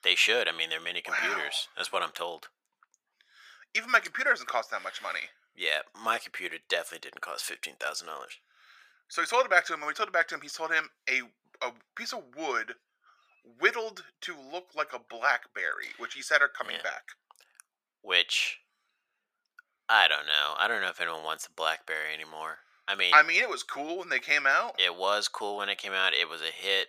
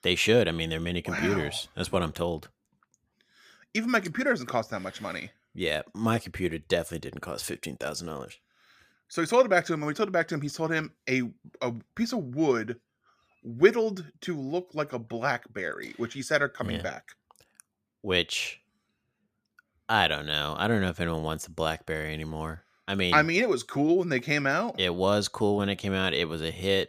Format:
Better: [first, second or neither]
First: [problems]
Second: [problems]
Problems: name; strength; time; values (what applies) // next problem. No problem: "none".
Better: second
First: thin; very; fading below 750 Hz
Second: none